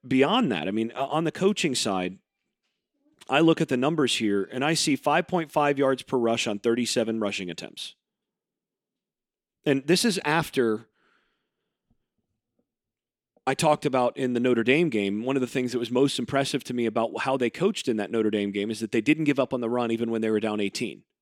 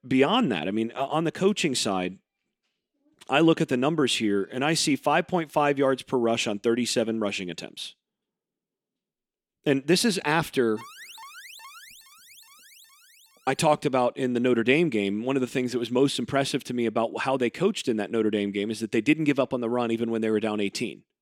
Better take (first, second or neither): first